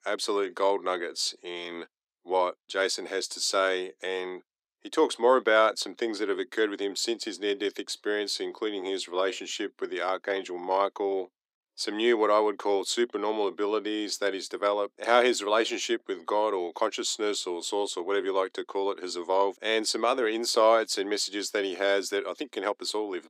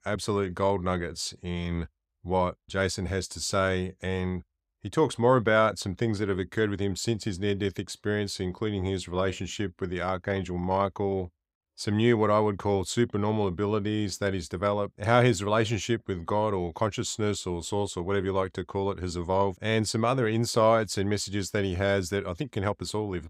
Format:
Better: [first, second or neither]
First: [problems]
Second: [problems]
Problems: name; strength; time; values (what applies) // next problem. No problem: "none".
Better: second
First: thin; somewhat; fading below 300 Hz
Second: none